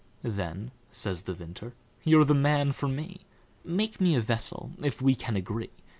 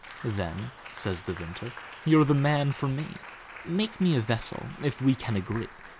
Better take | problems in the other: first | background sound (Applause); 17 dB below the speech

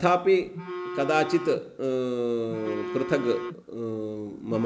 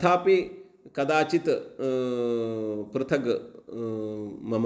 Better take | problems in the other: second | background sound (Telephone); 10 dB below the speech

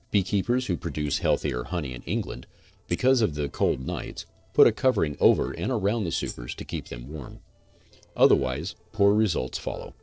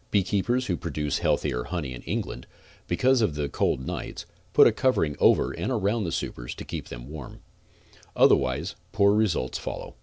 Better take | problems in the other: second | noise reduction (neural separator model SepFormer DNS4)

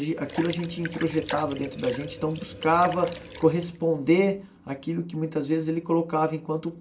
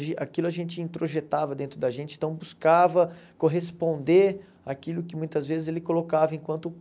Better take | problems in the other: second | background sound (Liquid); 13 dB below the speech // room echo; dies away in 0.2 s

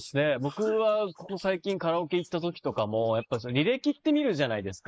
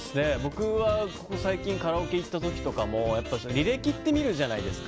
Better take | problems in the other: second | noise reduction (neural mask model Resemble Enhance denoiser)

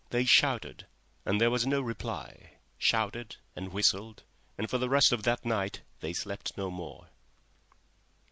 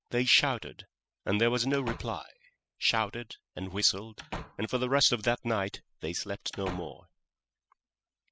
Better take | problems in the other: first | noise reduction (classical method spectral subtraction)

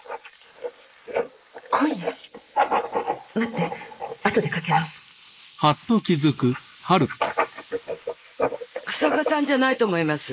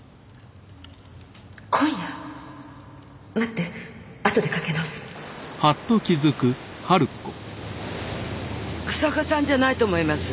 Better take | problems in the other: second | noise reduction (neural mask model Resemble Enhance denoiser)

